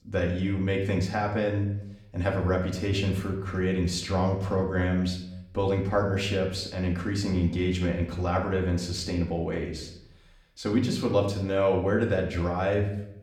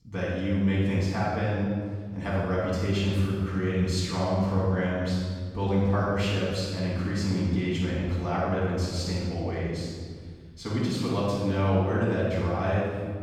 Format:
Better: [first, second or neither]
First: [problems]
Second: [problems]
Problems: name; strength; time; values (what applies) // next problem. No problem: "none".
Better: first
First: room echo; slight; dies away in 0.6 s // off-mic speech; somewhat distant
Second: room echo; strong; dies away in 1.7 s // off-mic speech; far